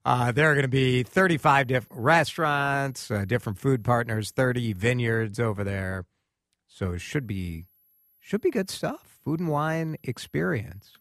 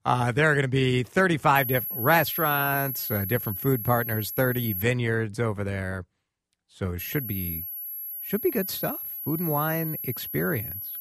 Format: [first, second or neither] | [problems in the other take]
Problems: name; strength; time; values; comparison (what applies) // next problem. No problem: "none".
first | high-pitched whine; loud; from 1.5 to 5 s and from 7 s on; 11.5 kHz, 5 dB below the speech; faint in the first